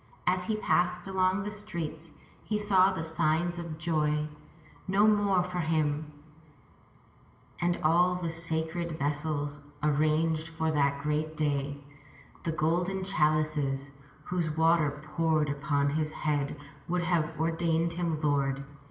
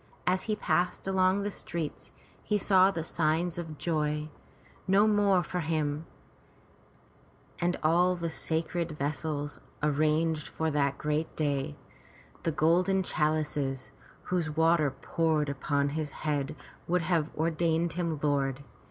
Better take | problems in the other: second | room echo; dies away in 1.5 s

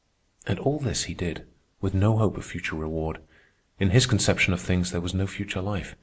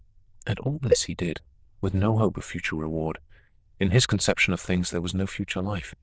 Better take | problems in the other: first | noise reduction (neural diffusion model UNIVERSE++)

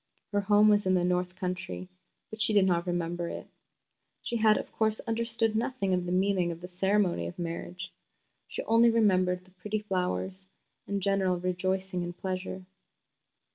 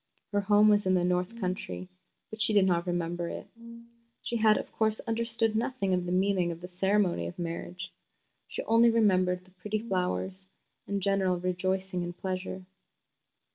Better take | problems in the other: first | background sound (Brass instrument); 16 dB below the speech

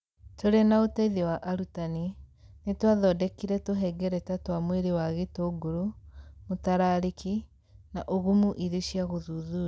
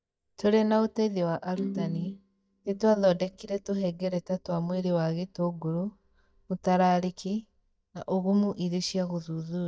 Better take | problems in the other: first | noise reduction (neural mask model DeepFilterNet 3)

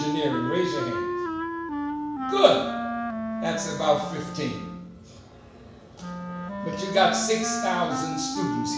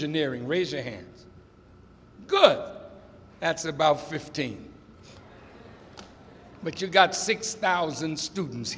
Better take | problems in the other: second | background sound (Wind instrument, woodwind instrument); 3 dB below the speech // room echo; dies away in 0.7 s

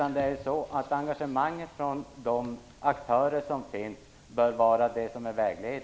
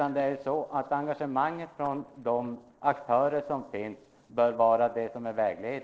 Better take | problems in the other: first | noise reduction (neural separator model SepFormer DNS4)

